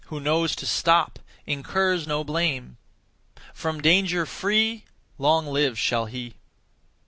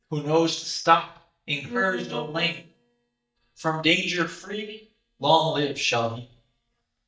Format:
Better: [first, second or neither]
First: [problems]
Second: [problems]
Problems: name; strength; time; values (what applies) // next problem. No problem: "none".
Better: first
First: none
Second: noise reduction (neural mask model DeepFilterNet 3)